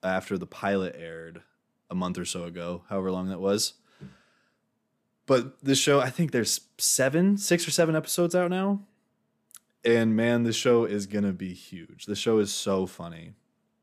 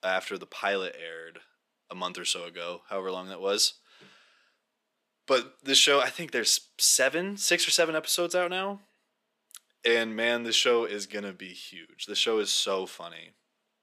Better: first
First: none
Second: thin; somewhat; fading below 450 Hz

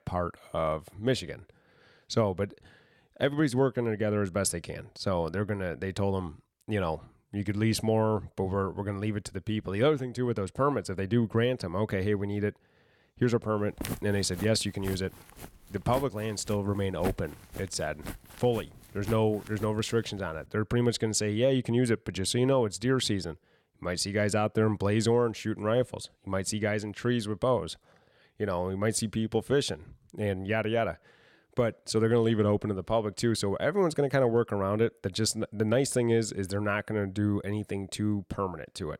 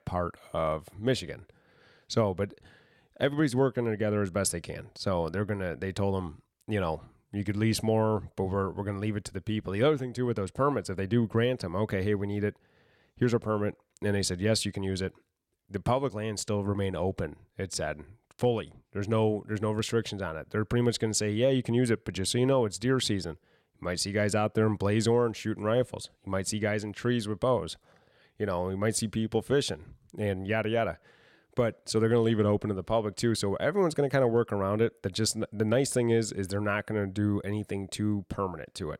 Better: second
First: footsteps; noticeable; from 14 to 20 s; peak 8 dB below the speech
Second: none

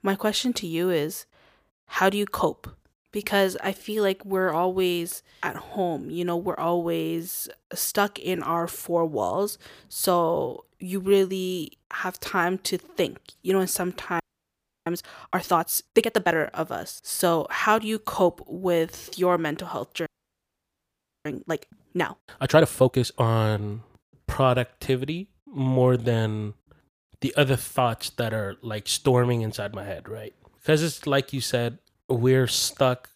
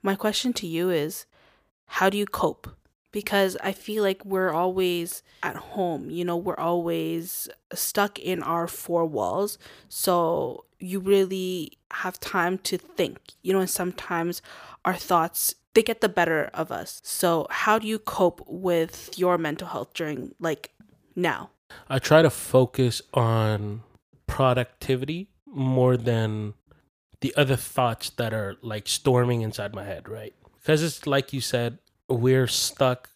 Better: second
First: audio freezing; at 14 s for 0.5 s and at 20 s for 1 s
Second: none

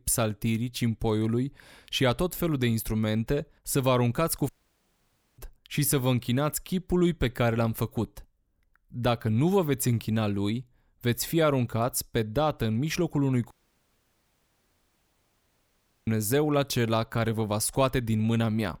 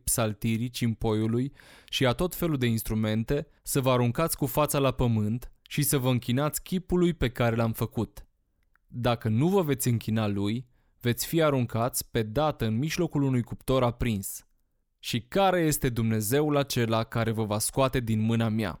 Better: second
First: audio cutting out; at 4.5 s for 1 s and at 14 s for 2.5 s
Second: none

